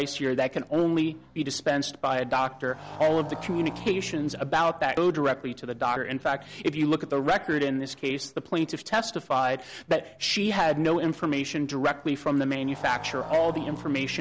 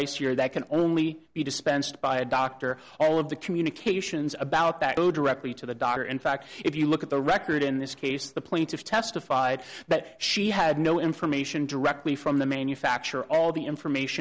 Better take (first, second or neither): second